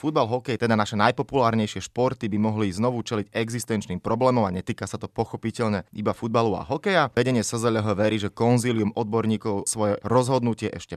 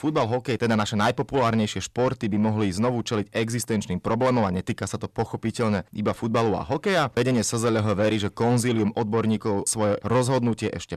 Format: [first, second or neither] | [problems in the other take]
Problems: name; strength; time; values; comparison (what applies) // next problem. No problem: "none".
first | distortion; slight; 10 dB below the speech